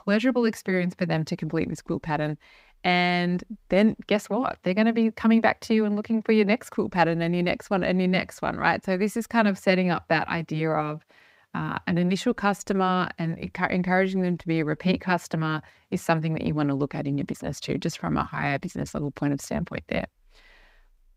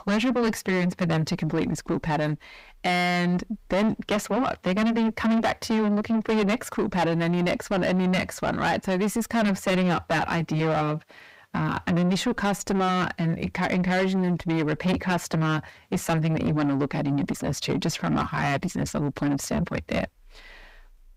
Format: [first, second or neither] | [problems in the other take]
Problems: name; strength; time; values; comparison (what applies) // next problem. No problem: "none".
first | distortion; heavy; 6 dB below the speech